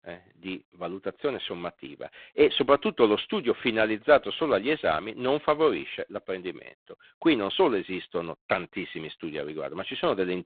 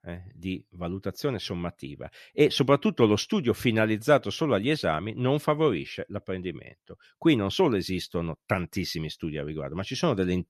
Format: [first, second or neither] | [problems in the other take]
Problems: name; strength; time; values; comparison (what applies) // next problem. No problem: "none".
second | phone-call audio; poor line; nothing above 3.5 kHz